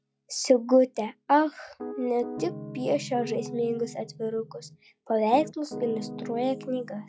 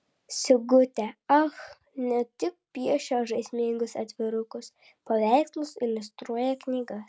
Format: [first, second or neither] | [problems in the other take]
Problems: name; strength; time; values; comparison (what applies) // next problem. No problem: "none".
second | noise reduction (classical method log-MMSE)